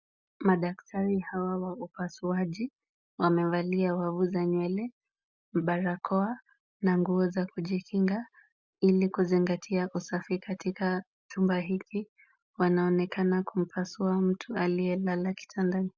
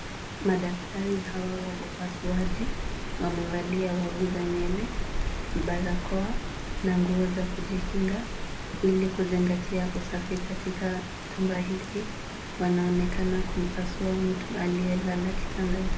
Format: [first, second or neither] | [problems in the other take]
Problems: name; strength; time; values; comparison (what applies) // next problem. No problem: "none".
first | background sound (Rain); 3 dB below the speech // room echo; dies away in 0.3 s